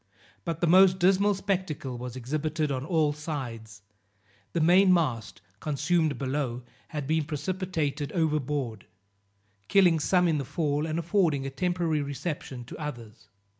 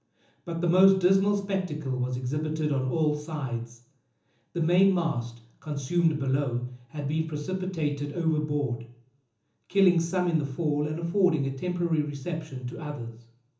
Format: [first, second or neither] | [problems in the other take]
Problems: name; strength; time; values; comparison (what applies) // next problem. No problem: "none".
first | room echo; dies away in 0.7 s